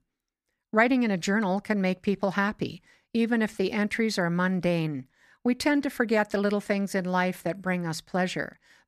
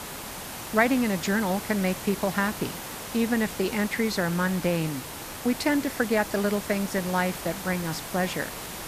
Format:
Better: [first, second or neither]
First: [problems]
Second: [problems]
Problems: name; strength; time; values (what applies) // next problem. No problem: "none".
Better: first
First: none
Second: hiss; loud; throughout; 9 dB below the speech